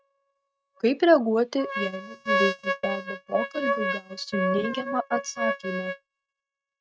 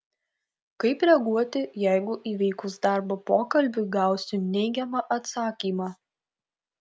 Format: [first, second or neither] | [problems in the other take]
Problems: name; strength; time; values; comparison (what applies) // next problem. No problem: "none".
second | noise reduction (neural mask model RNNoise)